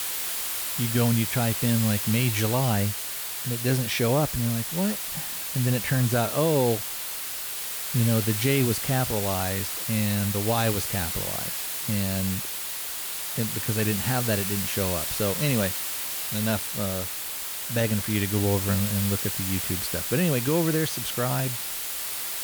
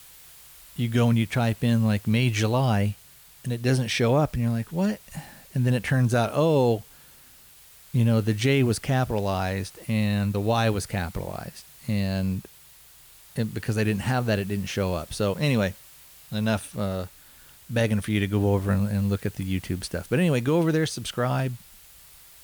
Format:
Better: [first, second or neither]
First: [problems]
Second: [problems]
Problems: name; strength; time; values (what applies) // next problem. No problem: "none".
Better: second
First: hiss; loud; throughout; 1 dB below the speech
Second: hiss; faint; throughout; 20 dB below the speech